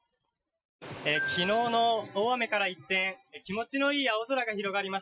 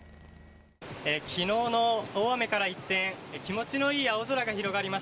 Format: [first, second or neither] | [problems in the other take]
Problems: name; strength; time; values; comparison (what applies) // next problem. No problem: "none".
second | noise reduction (classical method Wiener filter)